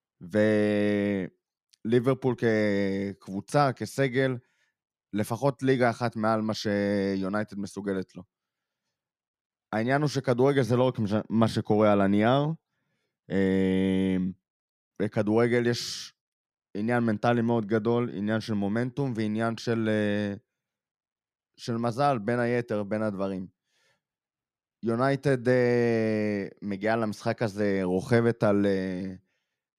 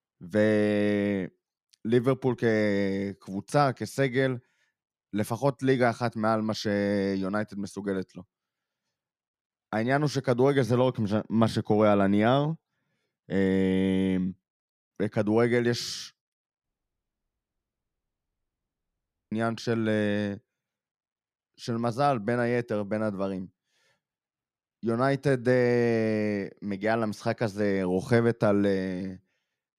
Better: first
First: none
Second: audio cutting out; at 17 s for 2.5 s

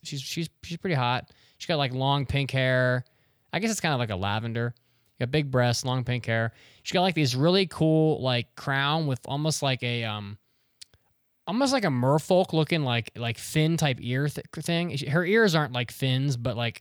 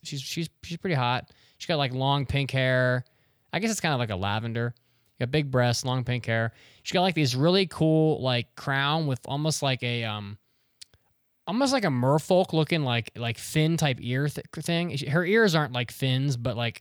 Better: neither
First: none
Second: none

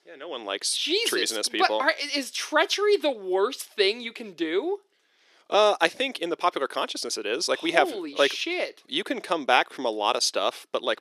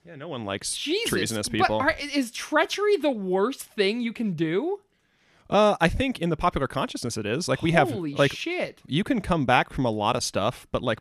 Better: second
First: thin; somewhat; fading below 350 Hz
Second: none

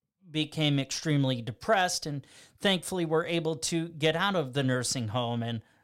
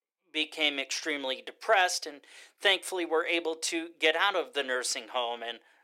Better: first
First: none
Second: thin; very; fading below 350 Hz

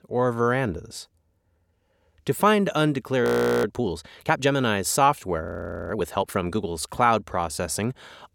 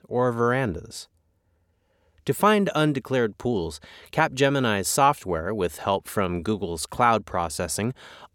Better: second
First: audio freezing; at 3 s and at 5.5 s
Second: none

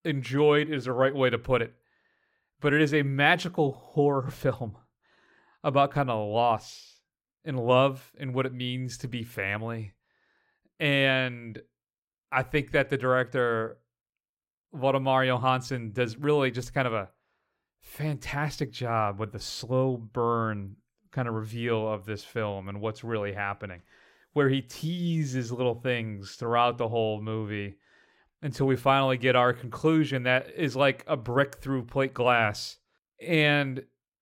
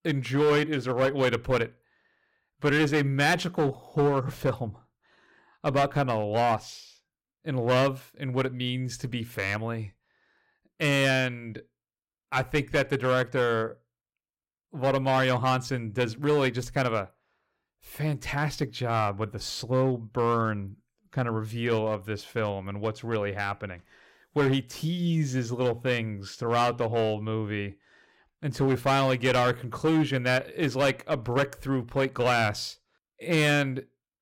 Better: first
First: none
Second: distortion; slight; 6% of the sound clipped

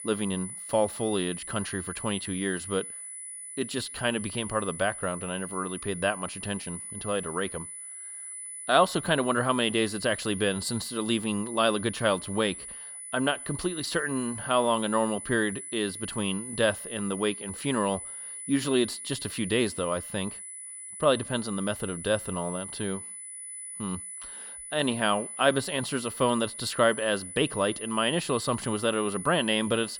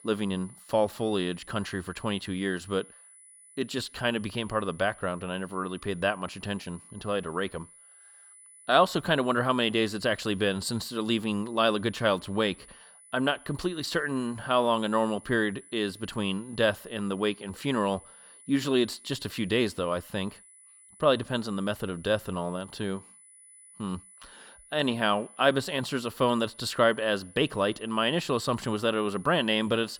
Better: second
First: high-pitched whine; loud; throughout; 10 kHz, 9 dB below the speech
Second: high-pitched whine; faint; throughout; 10 kHz, 20 dB below the speech

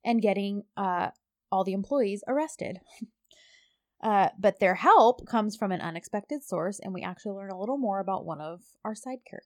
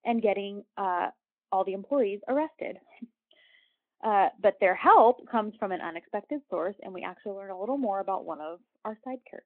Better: first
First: none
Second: phone-call audio

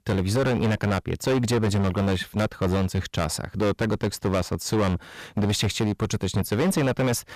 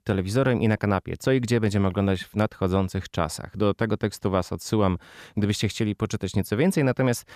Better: second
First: distortion; heavy; 17% of the sound clipped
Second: none

